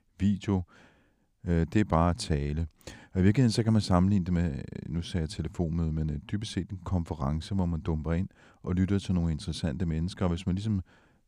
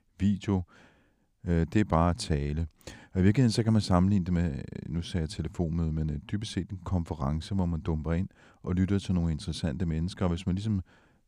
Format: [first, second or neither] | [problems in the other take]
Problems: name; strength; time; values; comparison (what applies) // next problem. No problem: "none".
neither | none